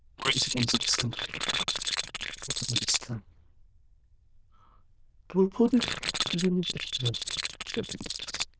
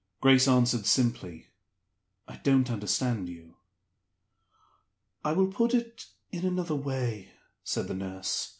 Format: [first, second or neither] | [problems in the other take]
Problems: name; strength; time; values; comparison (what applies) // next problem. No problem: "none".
second | noise reduction (neural diffusion model UNIVERSE++)